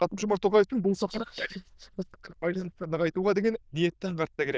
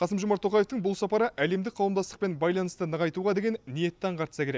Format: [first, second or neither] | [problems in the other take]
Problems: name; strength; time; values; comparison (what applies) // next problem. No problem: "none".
second | noise reduction (neural diffusion model UNIVERSE++)